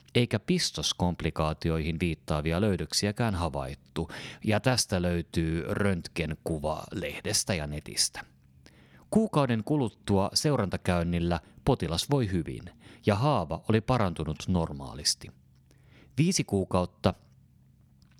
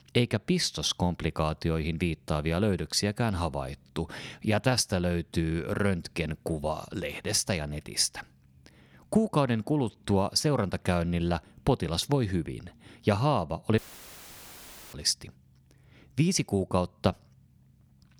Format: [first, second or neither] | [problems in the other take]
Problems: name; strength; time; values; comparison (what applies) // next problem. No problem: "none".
first | audio cutting out; filled with static; at 14 s for 1 s